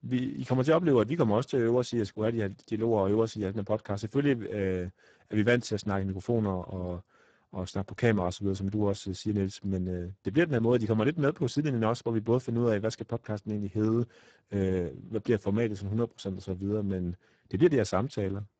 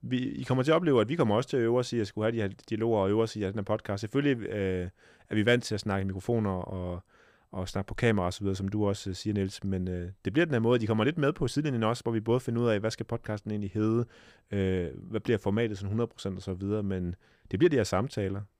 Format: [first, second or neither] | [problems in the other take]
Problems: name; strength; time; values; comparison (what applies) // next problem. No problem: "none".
second | garbled, watery; badly; nothing above 7.5 kHz